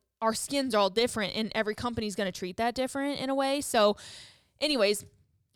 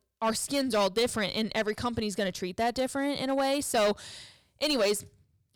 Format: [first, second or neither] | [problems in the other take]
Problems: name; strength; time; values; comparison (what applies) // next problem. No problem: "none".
first | distortion; slight; 5% of the sound clipped